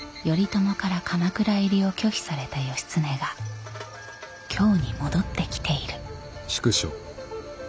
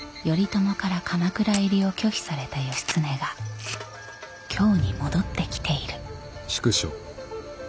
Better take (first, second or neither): first